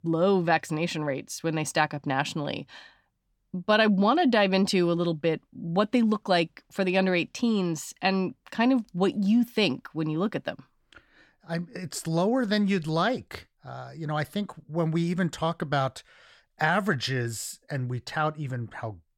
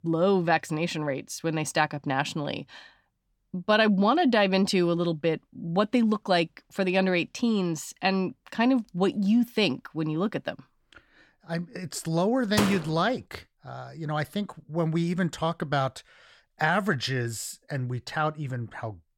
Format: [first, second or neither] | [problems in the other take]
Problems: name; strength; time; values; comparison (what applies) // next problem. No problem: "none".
first | door banging; noticeable; at 13 s; peak 2 dB below the speech